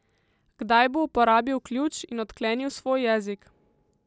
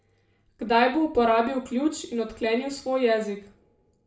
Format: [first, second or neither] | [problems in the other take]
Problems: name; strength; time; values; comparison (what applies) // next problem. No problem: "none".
first | room echo; dies away in 0.4 s